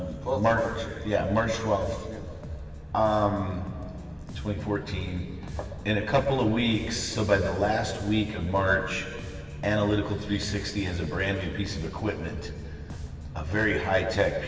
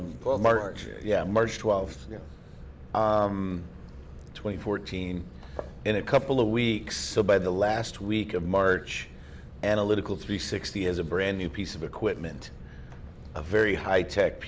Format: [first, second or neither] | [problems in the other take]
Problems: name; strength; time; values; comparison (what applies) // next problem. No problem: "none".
second | background sound (Bass guitar); 14 dB below the speech // room echo; dies away in 2.6 s